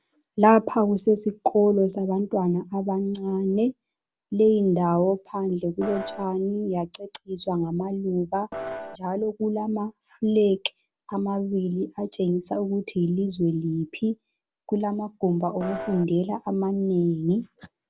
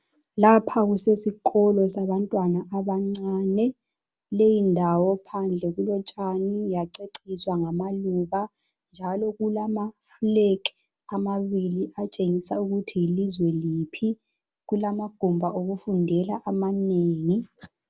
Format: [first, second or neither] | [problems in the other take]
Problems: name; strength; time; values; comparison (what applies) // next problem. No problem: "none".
second | background sound (Piano); 8 dB below the speech